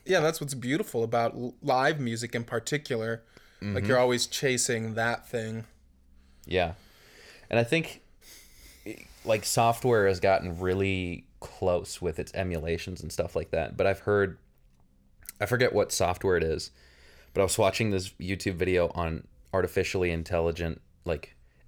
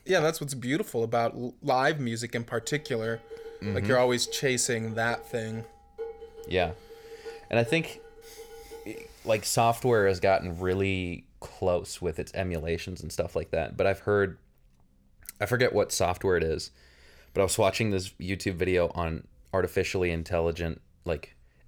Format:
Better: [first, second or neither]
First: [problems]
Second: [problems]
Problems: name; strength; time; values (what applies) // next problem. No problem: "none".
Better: first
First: none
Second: clattering dishes; faint; from 2.5 to 9 s; peak 10 dB below the speech